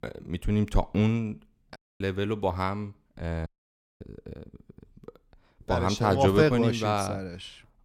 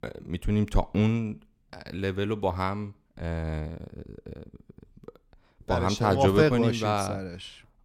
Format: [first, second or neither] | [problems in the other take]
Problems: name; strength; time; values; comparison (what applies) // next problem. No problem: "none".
second | audio cutting out; at 2 s and at 3.5 s for 0.5 s